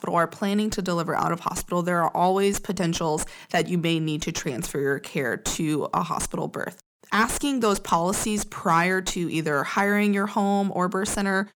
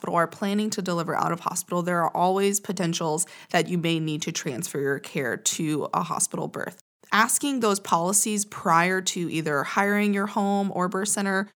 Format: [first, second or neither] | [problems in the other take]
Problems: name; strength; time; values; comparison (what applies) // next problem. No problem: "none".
second | distortion; slight; 8 dB below the speech